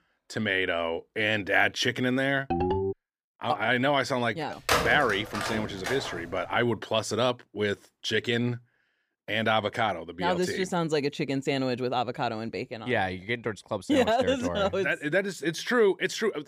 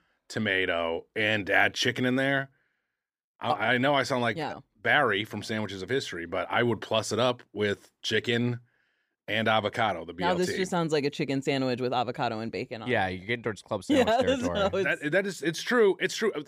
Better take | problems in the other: second | phone ringing; noticeable; at 2.5 s; peak level with the speech // phone ringing; loud; from 4.5 to 6 s; peak 2 dB above the speech

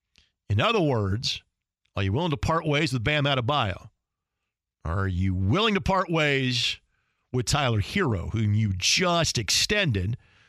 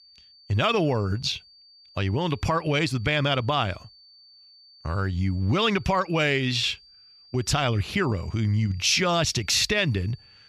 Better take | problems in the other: first | high-pitched whine; faint; throughout; 4.5 kHz, 25 dB below the speech

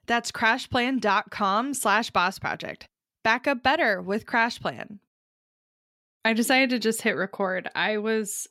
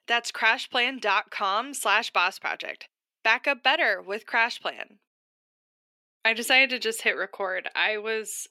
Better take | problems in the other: first | thin; somewhat; fading below 350 Hz

